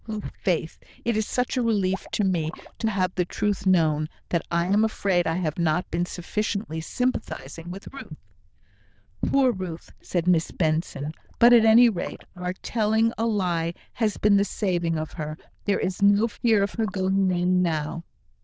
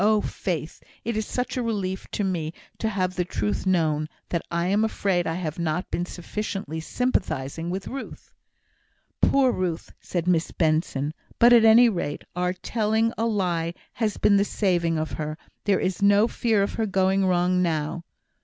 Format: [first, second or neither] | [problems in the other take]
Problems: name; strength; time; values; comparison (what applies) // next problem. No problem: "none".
second | noise reduction (neural diffusion model UNIVERSE++)